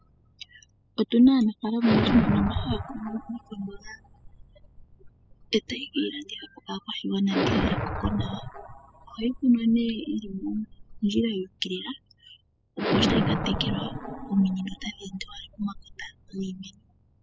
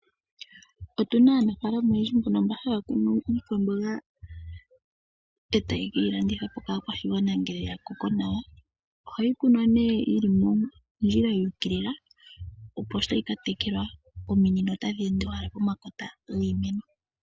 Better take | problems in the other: second | noise reduction (classical method spectral subtraction)

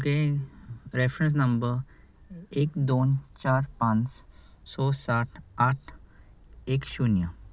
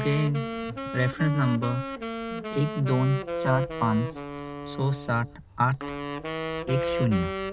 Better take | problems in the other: first | background sound (Wind instrument, woodwind instrument); 5 dB below the speech

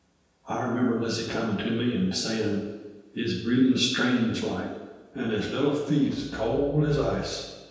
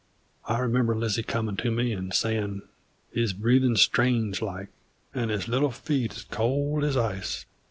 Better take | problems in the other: second | room echo; dies away in 1.2 s

